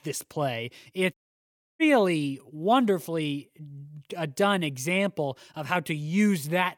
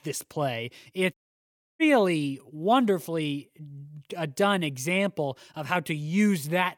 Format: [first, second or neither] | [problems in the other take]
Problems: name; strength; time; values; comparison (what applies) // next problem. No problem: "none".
neither | audio cutting out; at 1 s for 0.5 s; the same in both